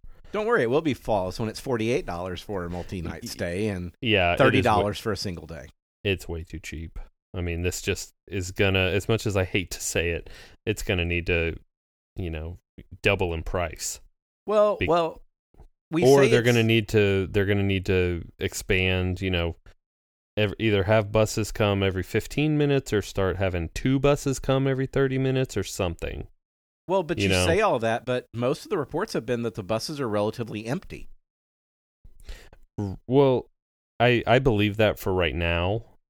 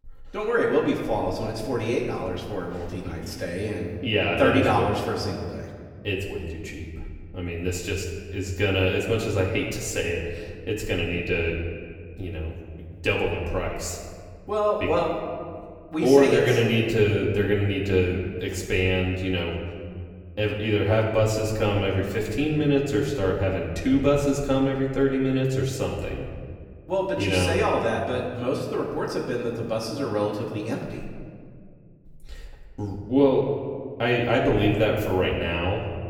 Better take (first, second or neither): first